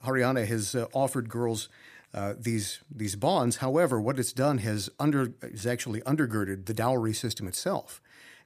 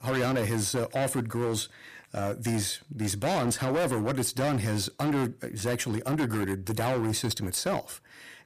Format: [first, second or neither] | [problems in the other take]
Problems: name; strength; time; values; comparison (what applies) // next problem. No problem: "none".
first | distortion; heavy; 18% of the sound clipped